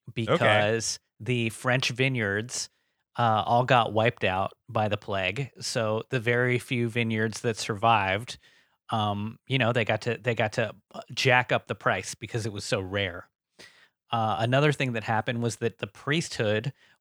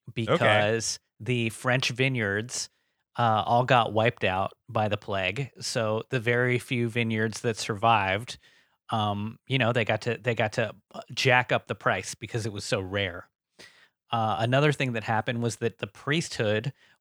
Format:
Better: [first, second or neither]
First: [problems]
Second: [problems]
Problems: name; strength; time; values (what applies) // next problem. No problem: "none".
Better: neither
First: none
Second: none